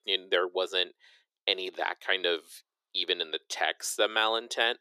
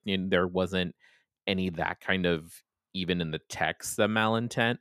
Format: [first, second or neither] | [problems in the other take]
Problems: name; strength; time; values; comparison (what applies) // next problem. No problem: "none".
second | thin; very; fading below 350 Hz